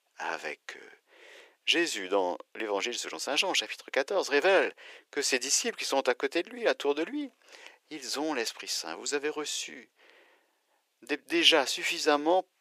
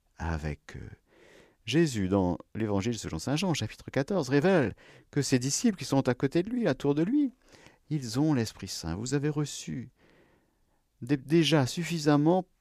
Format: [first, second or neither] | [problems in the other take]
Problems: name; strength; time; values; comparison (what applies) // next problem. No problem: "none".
second | thin; very; fading below 400 Hz